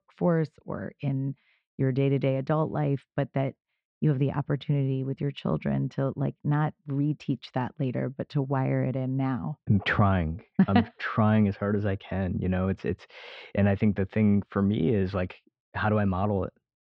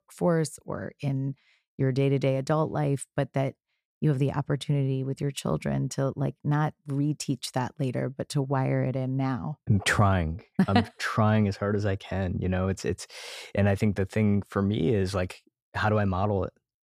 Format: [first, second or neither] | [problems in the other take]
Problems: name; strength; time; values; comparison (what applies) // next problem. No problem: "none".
second | muffled; slightly; fading above 3.5 kHz